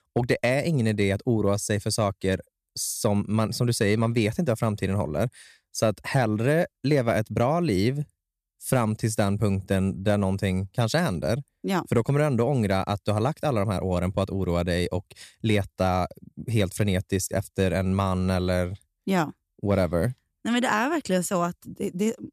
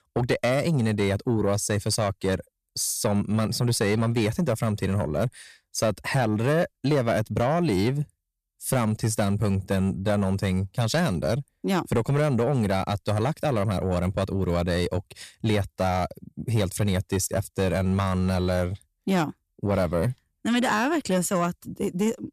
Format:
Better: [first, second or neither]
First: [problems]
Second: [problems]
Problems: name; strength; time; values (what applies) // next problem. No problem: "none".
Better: first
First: none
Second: distortion; slight; 10 dB below the speech